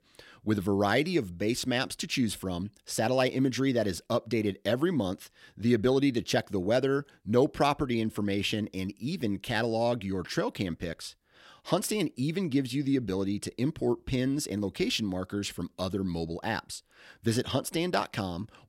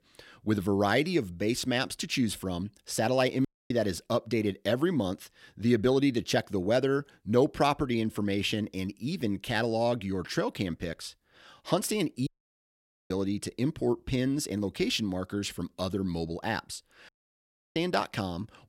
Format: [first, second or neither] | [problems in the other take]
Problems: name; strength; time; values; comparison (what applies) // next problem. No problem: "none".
first | audio cutting out; at 3.5 s, at 12 s for 1 s and at 17 s for 0.5 s